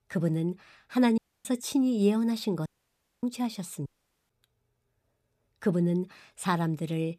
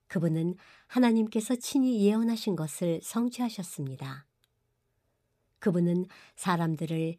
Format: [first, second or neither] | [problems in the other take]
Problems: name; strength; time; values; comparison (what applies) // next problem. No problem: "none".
second | audio cutting out; at 1 s, at 2.5 s for 0.5 s and at 4 s